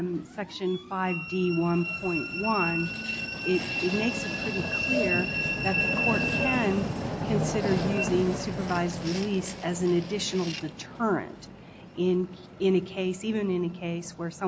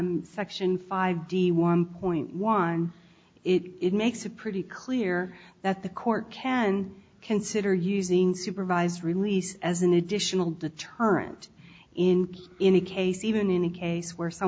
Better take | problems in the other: second | background sound (Train); 3 dB below the speech

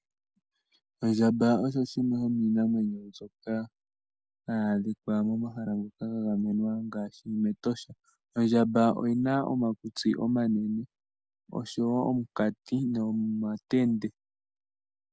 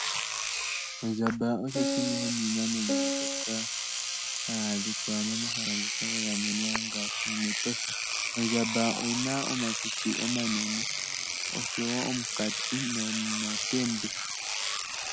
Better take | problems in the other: first | background sound (Engine / Domestic sounds, home sounds + Piano); 1 dB above the speech

